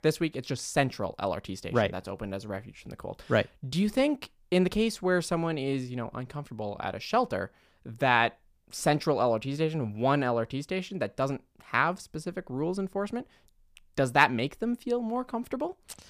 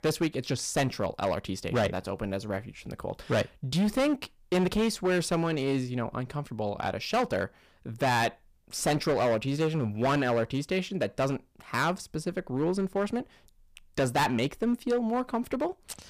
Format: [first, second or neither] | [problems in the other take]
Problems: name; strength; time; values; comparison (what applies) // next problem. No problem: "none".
first | distortion; heavy; 8% of the sound clipped